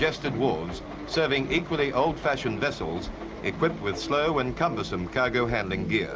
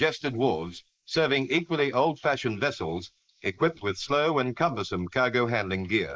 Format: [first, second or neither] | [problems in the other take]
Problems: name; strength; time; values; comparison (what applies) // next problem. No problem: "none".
first | noise reduction (neural mask model Resemble Enhance denoiser)